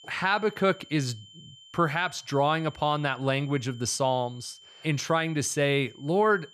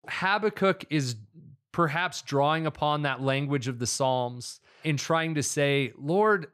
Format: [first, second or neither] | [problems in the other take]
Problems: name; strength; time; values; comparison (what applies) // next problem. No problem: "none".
second | high-pitched whine; faint; throughout; 3 kHz, 25 dB below the speech